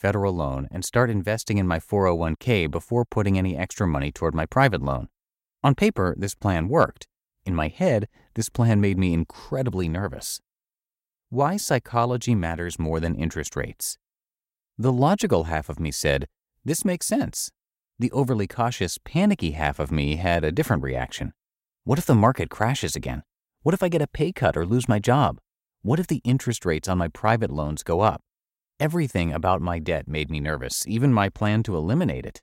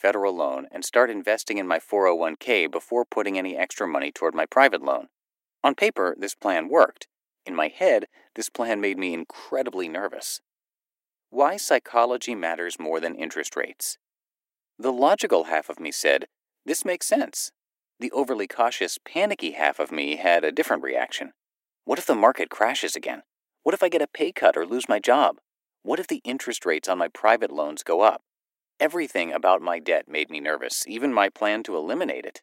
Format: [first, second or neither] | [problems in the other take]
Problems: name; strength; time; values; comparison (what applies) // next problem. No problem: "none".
first | thin; very; fading below 300 Hz